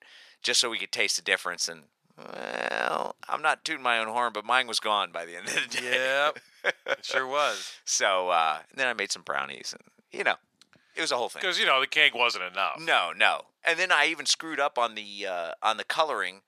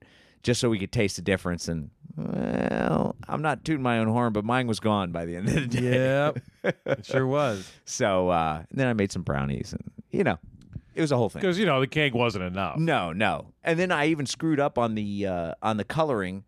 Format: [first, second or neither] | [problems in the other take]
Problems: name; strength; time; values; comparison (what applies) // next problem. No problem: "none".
second | thin; very; fading below 900 Hz